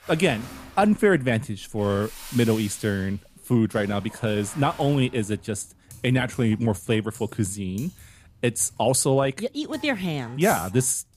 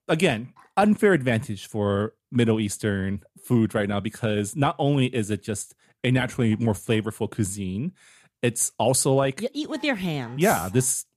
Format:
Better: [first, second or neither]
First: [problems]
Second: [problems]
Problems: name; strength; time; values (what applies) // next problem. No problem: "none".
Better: second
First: household noises; faint; throughout; 20 dB below the speech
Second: none